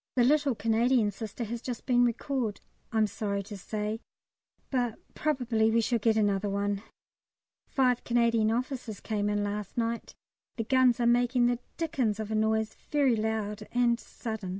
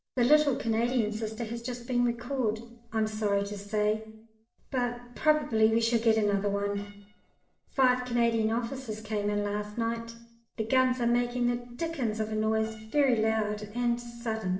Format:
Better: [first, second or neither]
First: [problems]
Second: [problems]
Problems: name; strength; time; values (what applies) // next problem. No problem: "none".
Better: first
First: none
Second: noise reduction (neural separator model SepFormer DNS4)